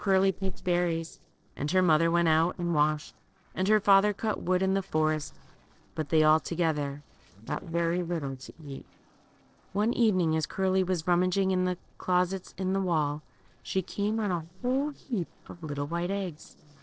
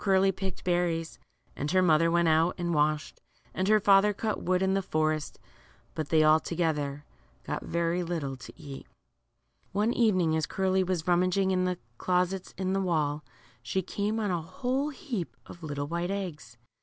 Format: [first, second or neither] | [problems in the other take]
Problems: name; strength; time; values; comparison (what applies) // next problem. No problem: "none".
second | noise reduction (neural separator model SepFormer DNS4)